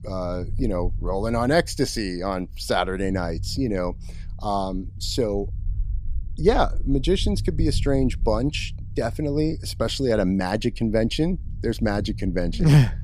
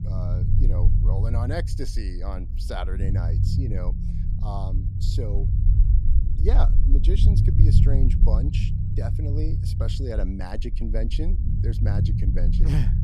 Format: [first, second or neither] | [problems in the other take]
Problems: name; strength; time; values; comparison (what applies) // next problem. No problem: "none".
first | low rumble; loud; throughout; 2 dB below the speech; faint in the first